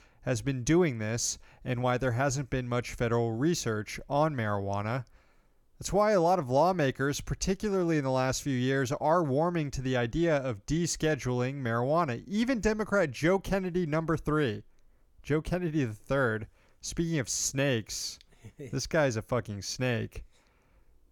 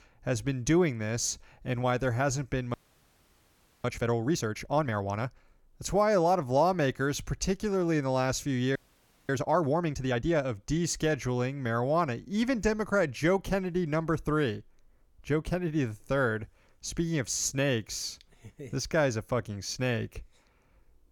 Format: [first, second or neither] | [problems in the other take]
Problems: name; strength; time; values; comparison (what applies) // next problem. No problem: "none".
first | audio freezing; at 2.5 s for 1 s and at 9 s for 0.5 s